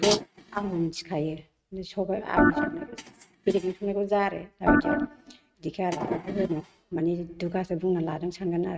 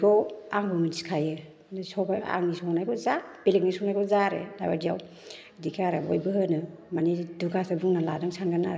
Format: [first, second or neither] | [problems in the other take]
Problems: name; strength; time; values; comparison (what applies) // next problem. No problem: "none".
second | noise reduction (neural mask model RNNoise)